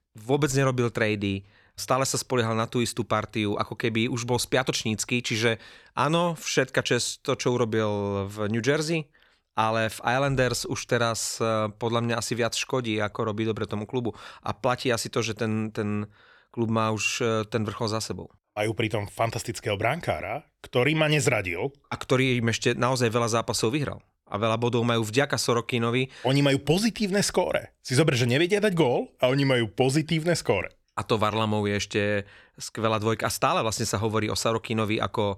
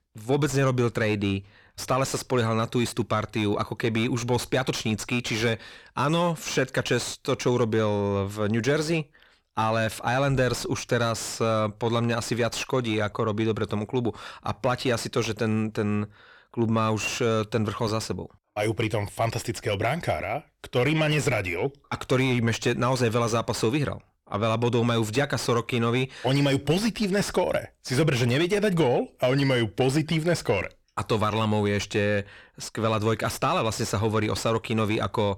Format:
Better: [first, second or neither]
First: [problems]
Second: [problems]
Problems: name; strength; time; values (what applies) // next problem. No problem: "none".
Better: first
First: none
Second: distortion; slight; 10 dB below the speech